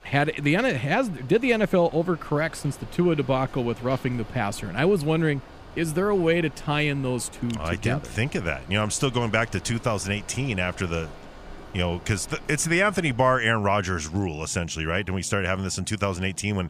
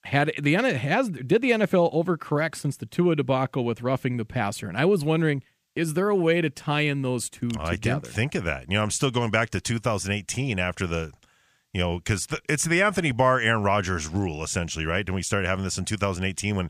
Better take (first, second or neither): second